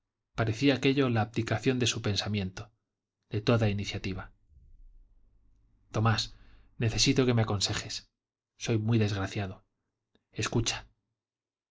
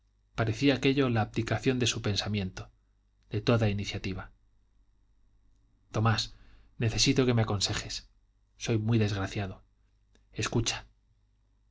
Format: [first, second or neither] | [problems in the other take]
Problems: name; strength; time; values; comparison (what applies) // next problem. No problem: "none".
second | noise reduction (neural mask model Resemble Enhance denoiser)